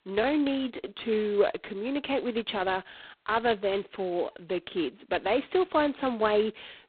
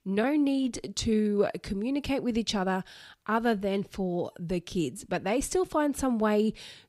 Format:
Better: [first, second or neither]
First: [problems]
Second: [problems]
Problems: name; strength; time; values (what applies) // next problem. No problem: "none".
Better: second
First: phone-call audio; poor line; nothing above 4 kHz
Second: none